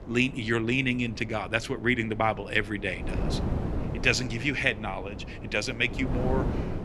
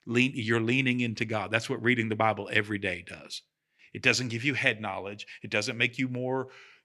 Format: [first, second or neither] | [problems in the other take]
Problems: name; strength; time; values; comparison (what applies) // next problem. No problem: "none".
second | wind noise on the microphone; occasional gusts; 15 dB below the speech